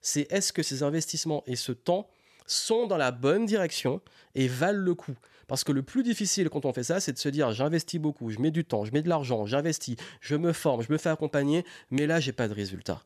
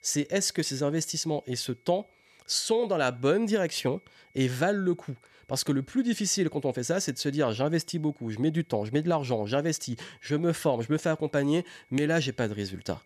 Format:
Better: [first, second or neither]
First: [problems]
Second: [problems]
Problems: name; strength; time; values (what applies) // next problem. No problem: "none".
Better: first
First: none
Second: high-pitched whine; faint; throughout; 2 kHz, 35 dB below the speech